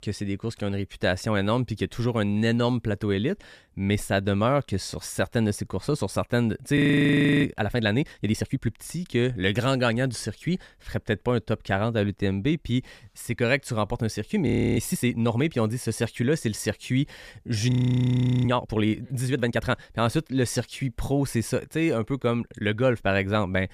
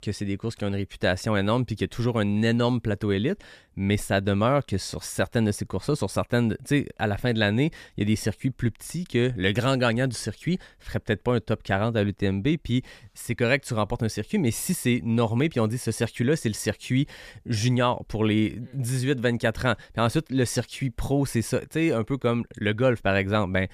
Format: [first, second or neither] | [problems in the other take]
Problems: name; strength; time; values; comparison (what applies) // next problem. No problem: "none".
second | audio freezing; at 7 s for 0.5 s, at 14 s and at 18 s for 0.5 s